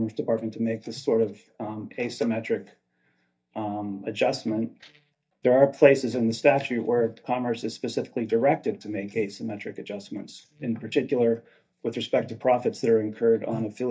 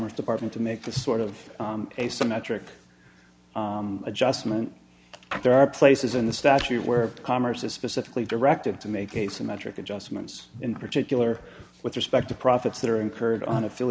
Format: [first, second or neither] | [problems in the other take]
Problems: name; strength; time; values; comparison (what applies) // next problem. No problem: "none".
second | noise reduction (neural mask model DeepFilterNet 3)